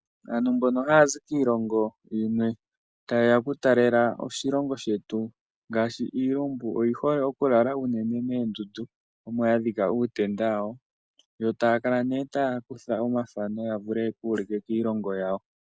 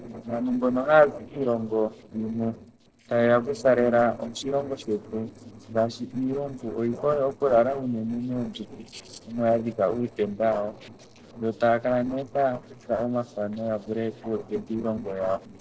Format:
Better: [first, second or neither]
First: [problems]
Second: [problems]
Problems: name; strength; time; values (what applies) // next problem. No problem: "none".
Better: first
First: none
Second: noise reduction (neural separator model SepFormer DNS4)